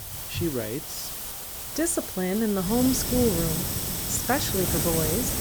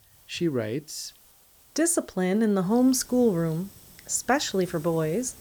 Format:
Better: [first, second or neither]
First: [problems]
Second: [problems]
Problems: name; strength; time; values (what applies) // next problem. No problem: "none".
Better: second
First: hiss; loud; throughout; 1 dB below the speech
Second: hiss; faint; throughout; 25 dB below the speech